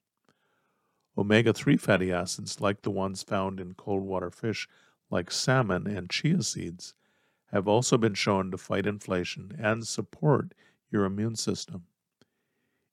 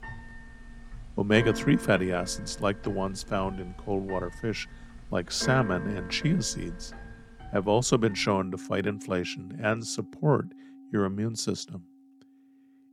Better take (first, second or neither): first